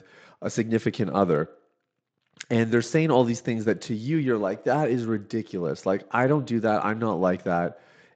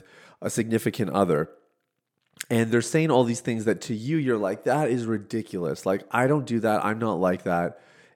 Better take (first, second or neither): second